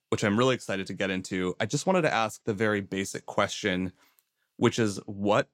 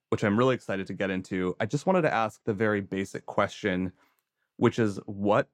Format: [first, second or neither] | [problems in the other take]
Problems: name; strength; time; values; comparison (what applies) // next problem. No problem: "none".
first | muffled; slightly; fading above 2.5 kHz